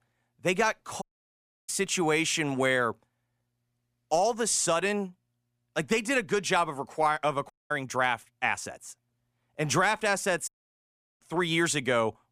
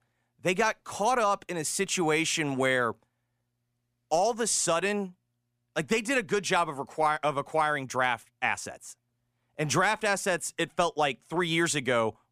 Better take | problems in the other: second | audio cutting out; at 1 s for 0.5 s, at 7.5 s and at 10 s for 0.5 s

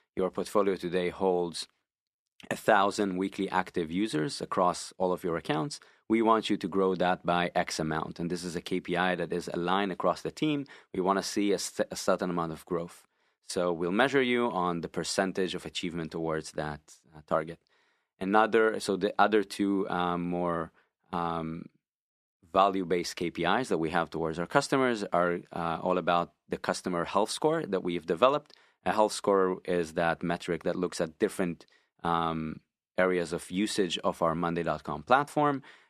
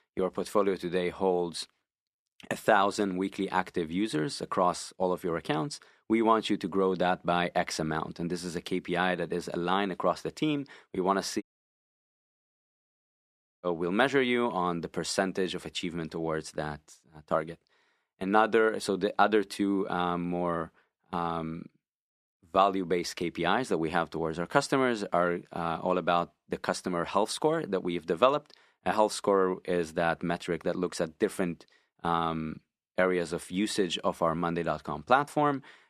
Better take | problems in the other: first | audio cutting out; at 11 s for 2 s

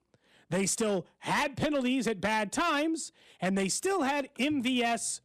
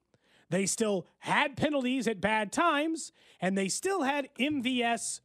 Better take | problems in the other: second | distortion; slight; 8% of the sound clipped

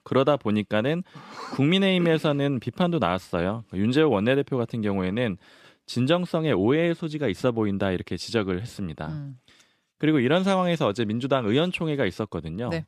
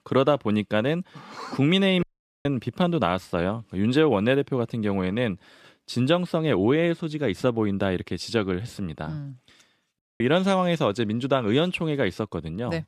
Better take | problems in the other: first | audio cutting out; at 2 s and at 10 s

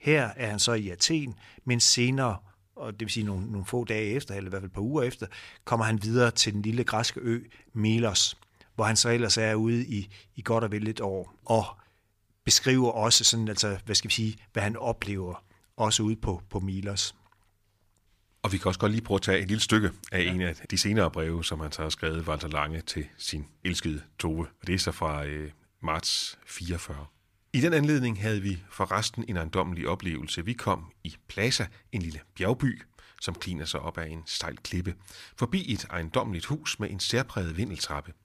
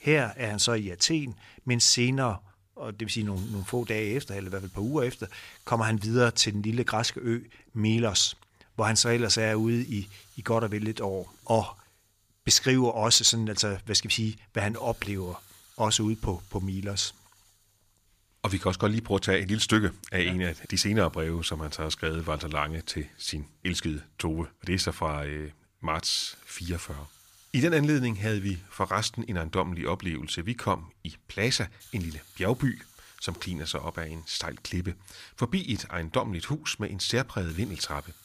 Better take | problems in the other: first | hiss; faint; throughout; 25 dB below the speech

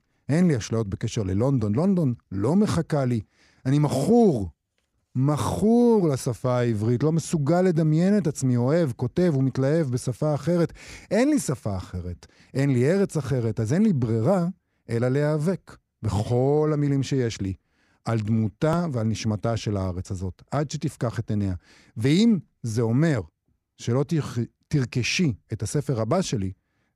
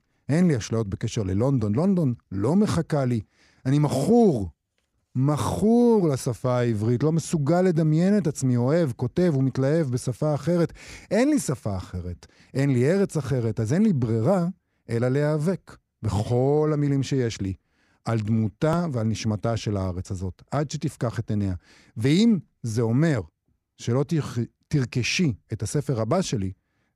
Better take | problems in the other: neither | none

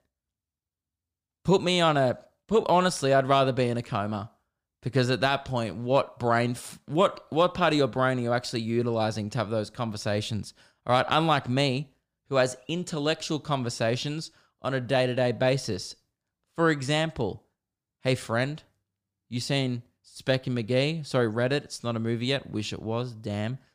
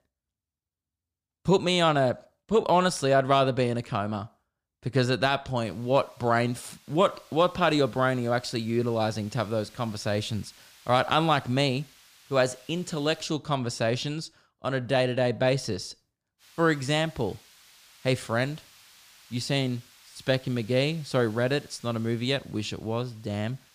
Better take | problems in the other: first | hiss; faint; from 5.5 to 13 s and from 16 s on; 25 dB below the speech

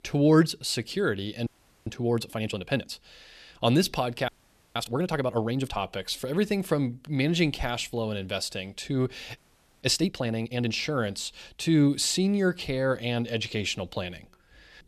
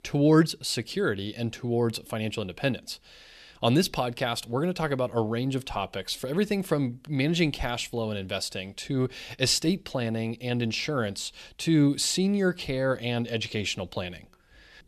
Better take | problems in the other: second | audio freezing; at 1.5 s, at 4.5 s and at 9.5 s

